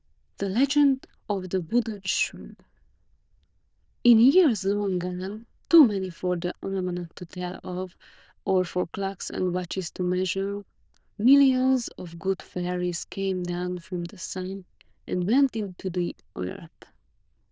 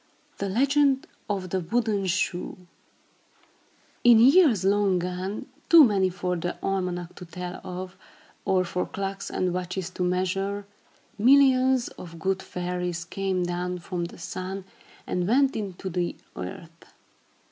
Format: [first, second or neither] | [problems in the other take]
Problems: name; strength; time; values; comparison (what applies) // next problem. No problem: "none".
second | noise reduction (neural diffusion model UNIVERSE++)